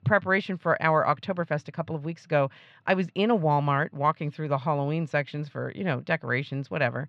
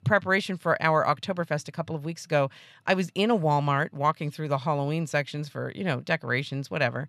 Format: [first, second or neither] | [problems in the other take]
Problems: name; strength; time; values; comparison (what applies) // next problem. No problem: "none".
second | muffled; slightly; fading above 3 kHz